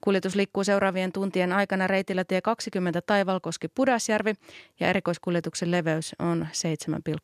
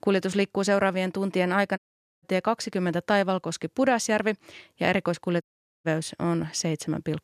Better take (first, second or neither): first